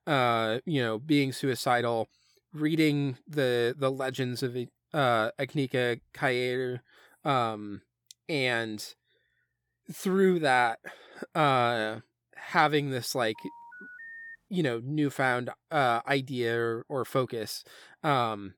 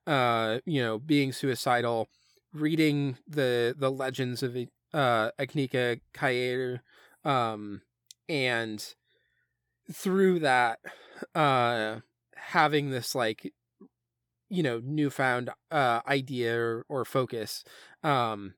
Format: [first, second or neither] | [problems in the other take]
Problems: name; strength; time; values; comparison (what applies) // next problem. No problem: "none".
second | phone ringing; faint; from 13 to 14 s; peak 15 dB below the speech